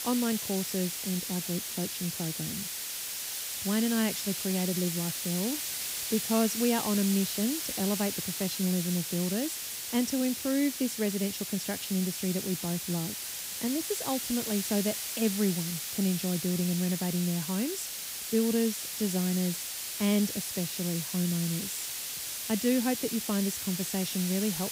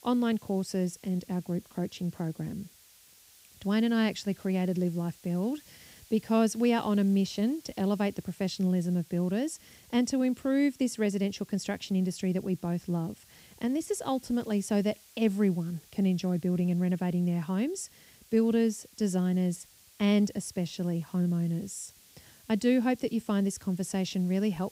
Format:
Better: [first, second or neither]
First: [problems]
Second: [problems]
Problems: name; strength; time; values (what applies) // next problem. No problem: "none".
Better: second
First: hiss; loud; throughout; 2 dB below the speech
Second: hiss; faint; throughout; 25 dB below the speech